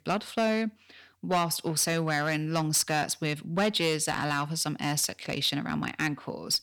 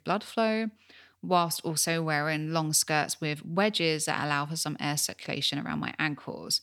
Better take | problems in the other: second | distortion; slight; 4% of the sound clipped

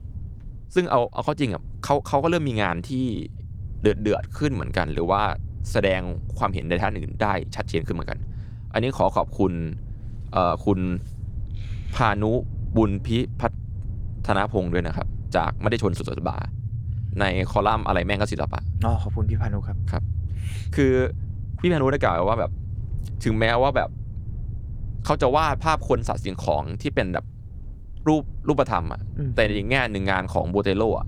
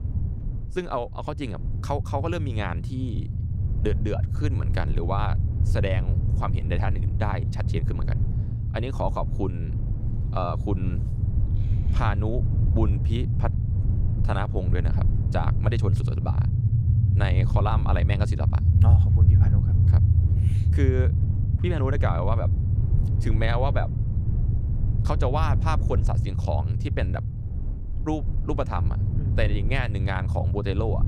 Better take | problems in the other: first | low rumble; loud; throughout; 7 dB below the speech; faint in the first

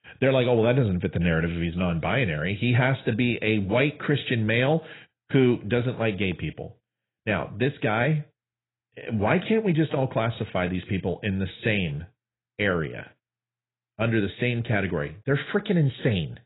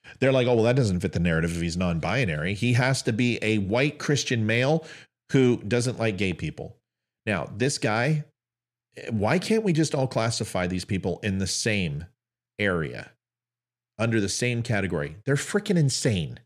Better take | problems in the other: second | garbled, watery; badly; nothing above 4 kHz

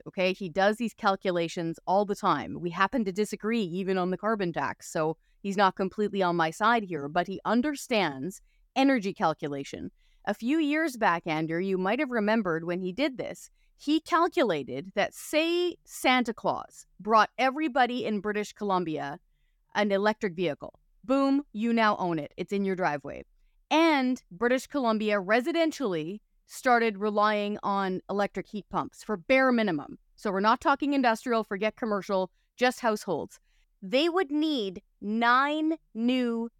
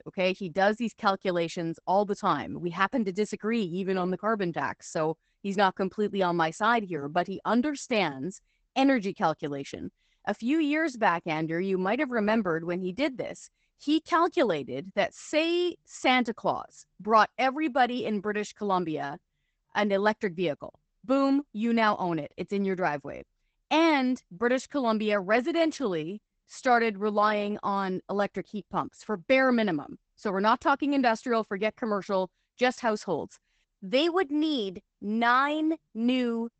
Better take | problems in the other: first | garbled, watery; badly; nothing above 8 kHz

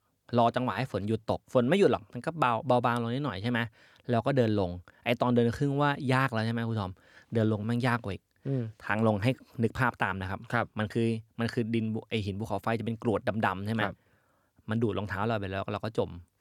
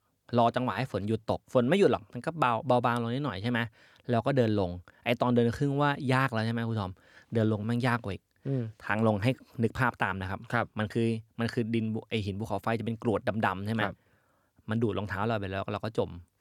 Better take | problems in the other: neither | none

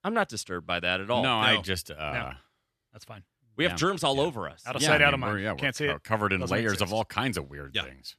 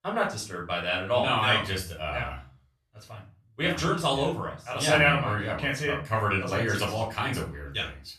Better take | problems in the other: first | off-mic speech; far // room echo; slight; dies away in 0.3 s

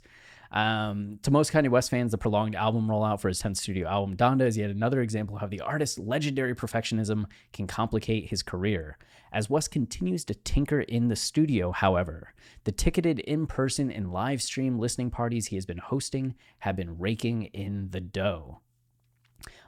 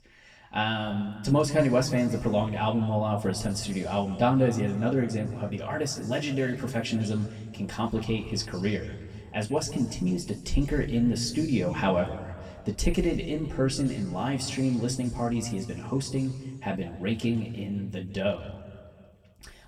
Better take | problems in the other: first | room echo; slight; dies away in 1.7 s // off-mic speech; somewhat distant

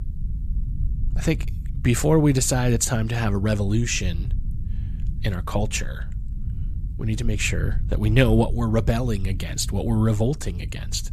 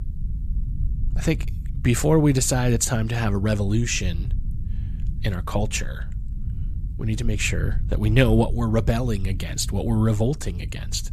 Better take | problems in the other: neither | low rumble; faint; throughout; 20 dB below the speech; the same in both

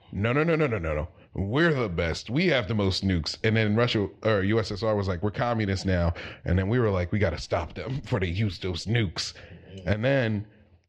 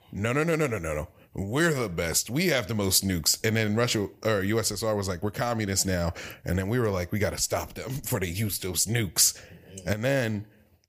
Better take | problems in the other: second | muffled; slightly; fading above 4 kHz

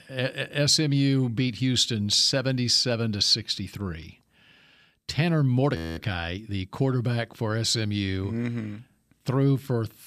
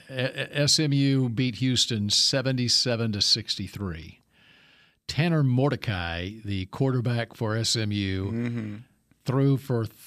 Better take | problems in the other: second | audio freezing; at 6 s

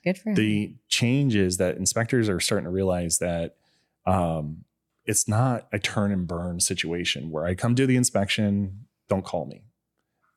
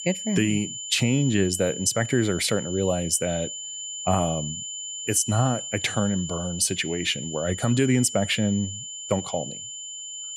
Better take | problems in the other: first | high-pitched whine; loud; throughout; 7 kHz, 8 dB below the speech

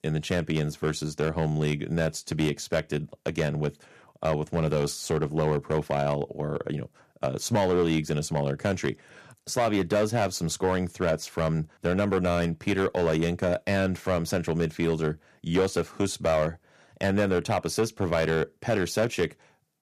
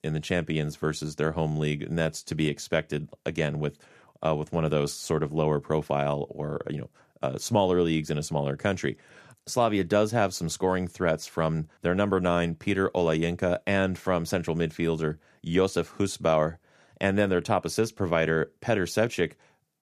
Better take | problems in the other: second | distortion; slight; 4% of the sound clipped

